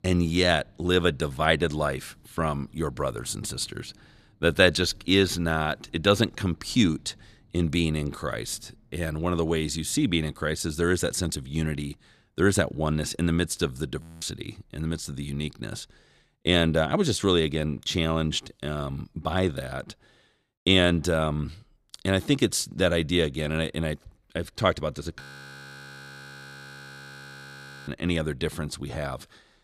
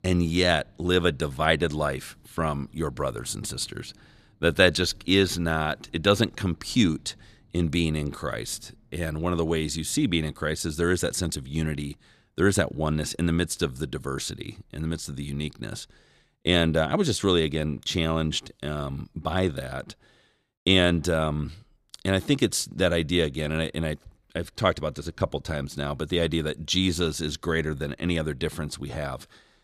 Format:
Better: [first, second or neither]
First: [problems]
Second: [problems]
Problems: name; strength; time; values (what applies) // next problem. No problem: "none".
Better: second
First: audio freezing; at 14 s and at 25 s for 2.5 s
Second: none